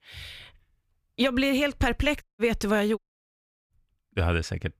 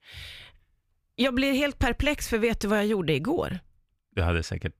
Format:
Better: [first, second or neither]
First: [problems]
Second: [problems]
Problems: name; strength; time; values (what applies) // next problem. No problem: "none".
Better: second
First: audio cutting out; at 2 s and at 3 s for 0.5 s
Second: none